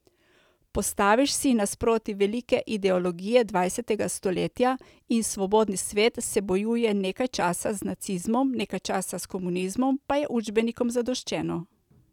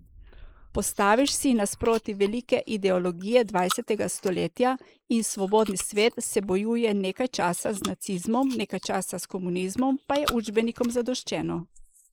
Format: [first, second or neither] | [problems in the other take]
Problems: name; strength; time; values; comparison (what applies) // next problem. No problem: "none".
first | noise reduction (neural mask model Resemble Enhance denoiser)